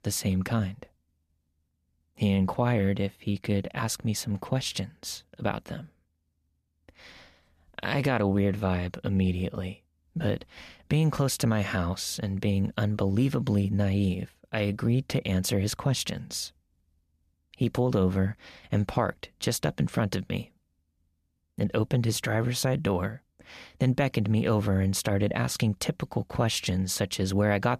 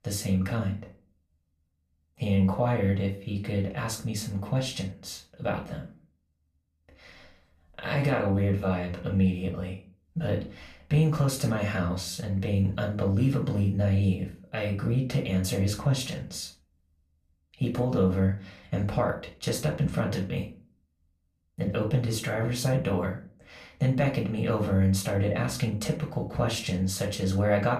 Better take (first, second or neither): first